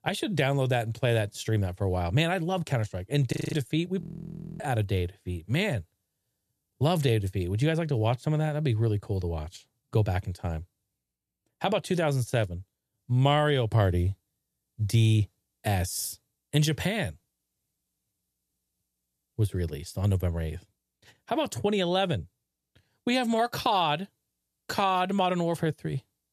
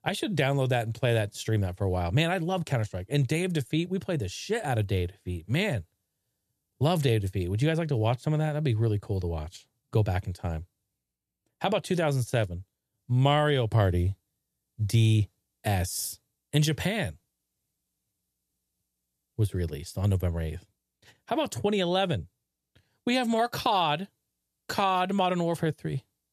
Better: second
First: audio freezing; at 3.5 s and at 4 s for 0.5 s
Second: none

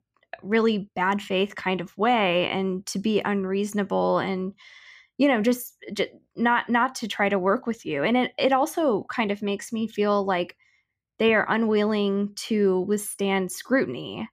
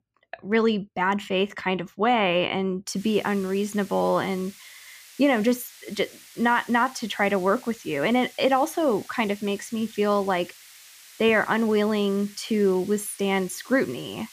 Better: first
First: none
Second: hiss; faint; from 3 s on; 20 dB below the speech

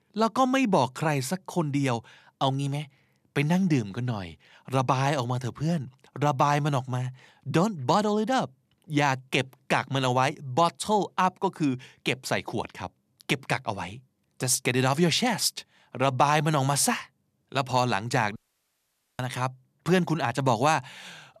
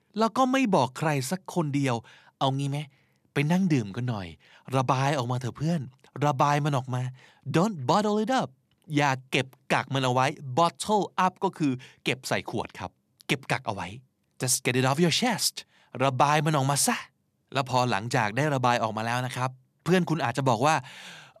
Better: second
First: audio cutting out; at 18 s for 1 s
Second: none

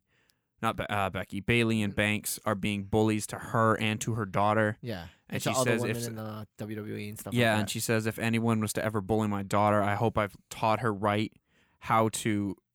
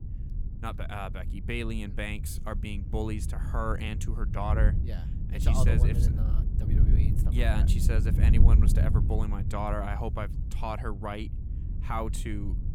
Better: first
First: none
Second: wind noise on the microphone; heavy; 8 dB below the speech

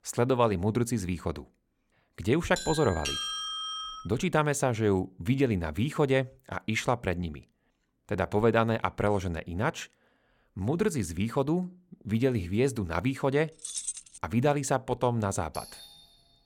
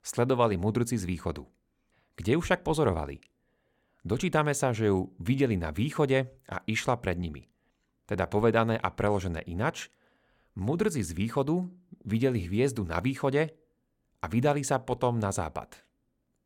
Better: second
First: doorbell; noticeable; from 2.5 to 4 s; peak 2 dB below the speech // jangling keys; noticeable; at 14 s; peak 5 dB below the speech // doorbell; faint; at 16 s; peak 15 dB below the speech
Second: none

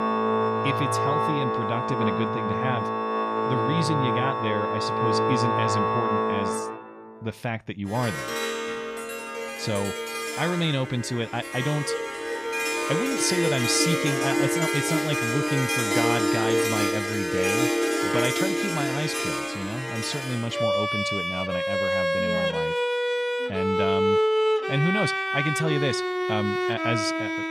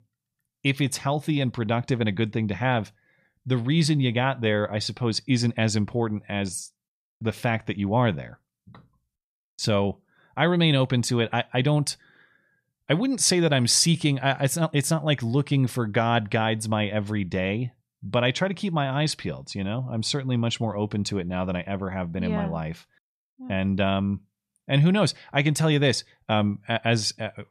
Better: second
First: background music; very loud; throughout; 3 dB above the speech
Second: none

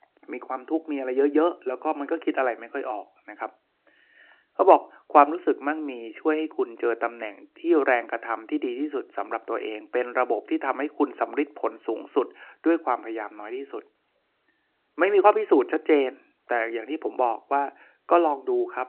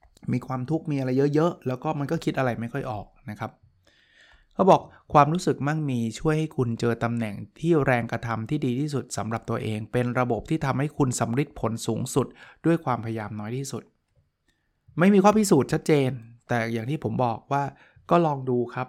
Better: second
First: phone-call audio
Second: none

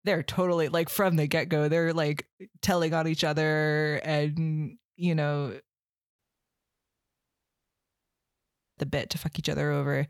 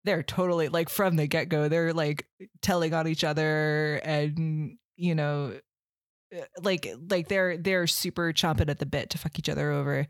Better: second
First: audio cutting out; at 6 s for 2.5 s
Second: none

